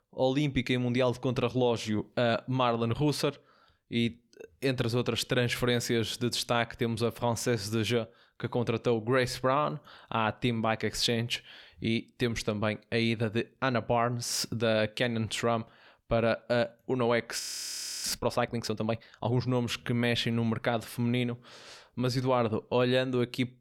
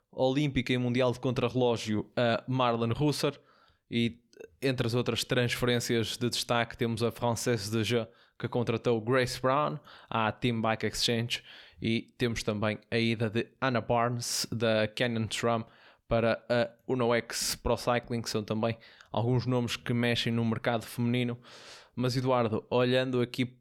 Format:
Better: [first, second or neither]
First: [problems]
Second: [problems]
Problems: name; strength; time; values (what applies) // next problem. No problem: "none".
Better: second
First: audio freezing; at 17 s for 0.5 s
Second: none